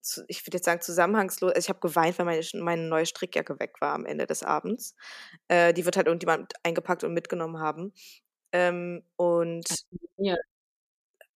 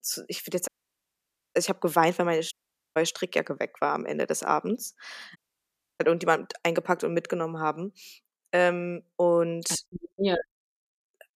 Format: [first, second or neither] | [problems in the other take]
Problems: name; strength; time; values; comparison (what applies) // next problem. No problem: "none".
first | audio cutting out; at 0.5 s for 1 s, at 2.5 s and at 5.5 s for 0.5 s